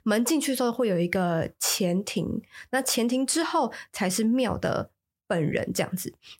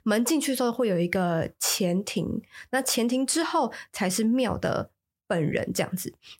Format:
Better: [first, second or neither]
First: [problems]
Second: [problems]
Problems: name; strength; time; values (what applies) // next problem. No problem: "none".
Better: neither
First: none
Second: none